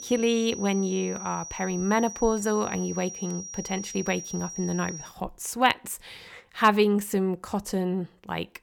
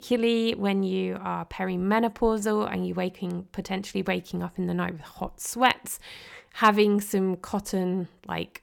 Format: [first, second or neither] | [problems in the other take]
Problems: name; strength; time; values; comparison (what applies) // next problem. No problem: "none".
second | high-pitched whine; loud; until 5 s; 5.5 kHz, 10 dB below the speech